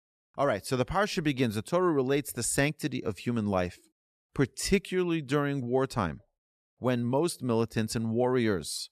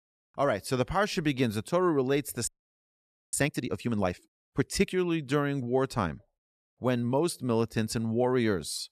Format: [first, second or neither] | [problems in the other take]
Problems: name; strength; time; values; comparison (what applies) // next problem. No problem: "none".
first | audio freezing; at 2.5 s for 1 s